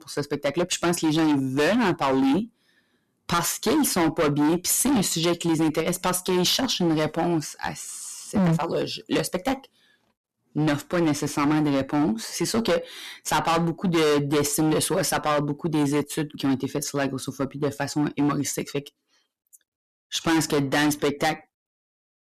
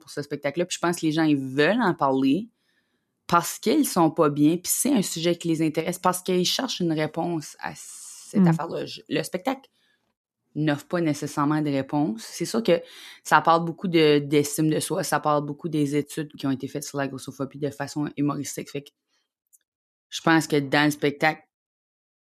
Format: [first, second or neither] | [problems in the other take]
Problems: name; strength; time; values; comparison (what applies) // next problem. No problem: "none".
second | distortion; heavy; 15% of the sound clipped